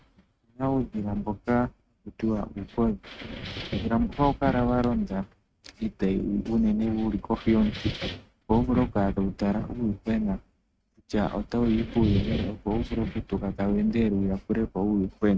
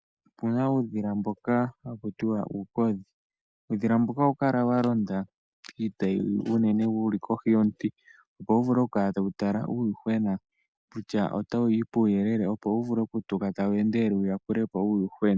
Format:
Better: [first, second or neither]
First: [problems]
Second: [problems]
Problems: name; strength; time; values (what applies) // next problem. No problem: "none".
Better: second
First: noise reduction (neural mask model RNNoise)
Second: none